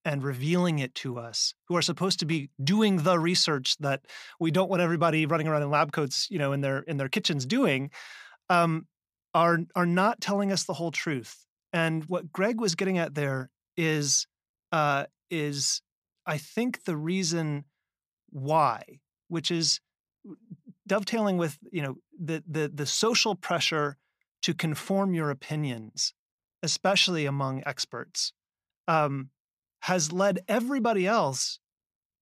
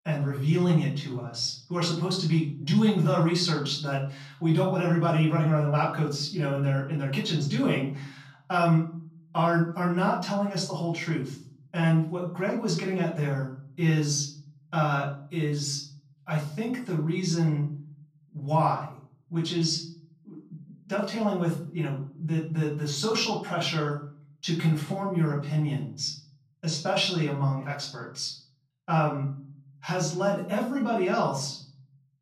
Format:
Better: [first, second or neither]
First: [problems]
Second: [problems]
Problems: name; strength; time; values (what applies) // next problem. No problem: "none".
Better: first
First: none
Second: off-mic speech; far // room echo; noticeable; dies away in 0.7 s